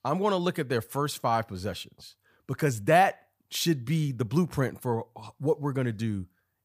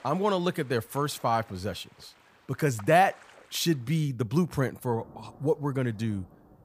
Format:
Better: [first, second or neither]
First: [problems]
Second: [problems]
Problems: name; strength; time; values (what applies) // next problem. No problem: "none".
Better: first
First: none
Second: rain or running water; faint; throughout; 25 dB below the speech